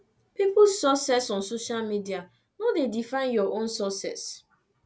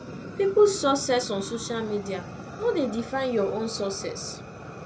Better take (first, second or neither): first